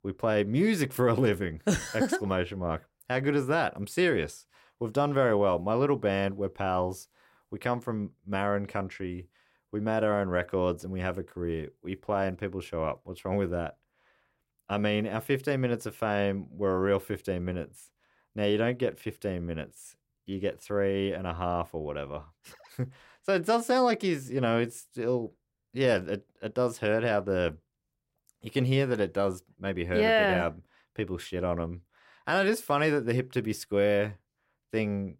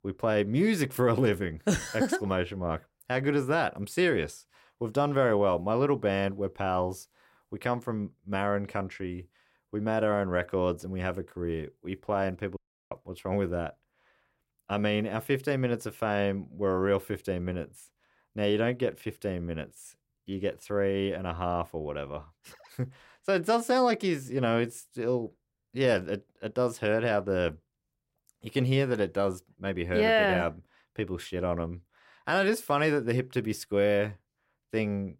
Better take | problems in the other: first | audio cutting out; at 13 s

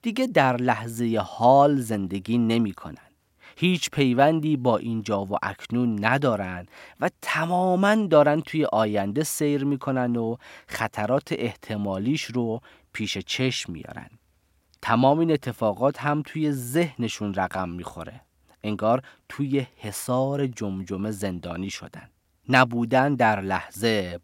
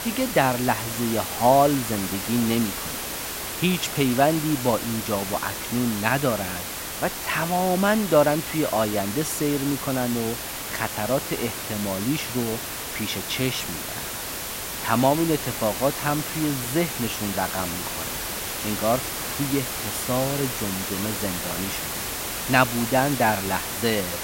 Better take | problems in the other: first | hiss; loud; throughout; 4 dB below the speech

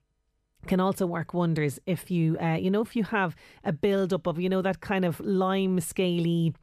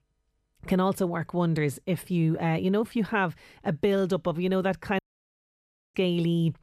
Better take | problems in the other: first | audio cutting out; at 5 s for 1 s

